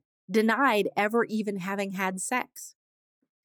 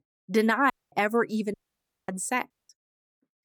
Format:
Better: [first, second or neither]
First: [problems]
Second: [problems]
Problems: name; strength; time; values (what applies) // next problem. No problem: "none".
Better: first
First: none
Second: audio cutting out; at 0.5 s, at 1.5 s for 0.5 s and at 2.5 s